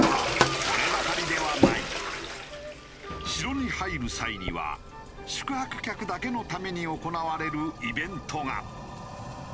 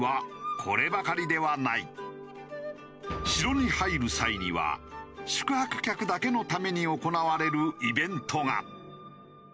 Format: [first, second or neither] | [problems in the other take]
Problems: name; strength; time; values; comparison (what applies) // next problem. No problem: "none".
second | background sound (Toilet flush); 1 dB above the speech